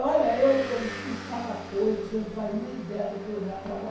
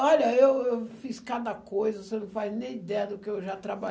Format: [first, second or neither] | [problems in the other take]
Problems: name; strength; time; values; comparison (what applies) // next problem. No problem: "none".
second | background sound (Motor vehicle (road) / Engine); 12 dB below the speech // room echo; dies away in 0.7 s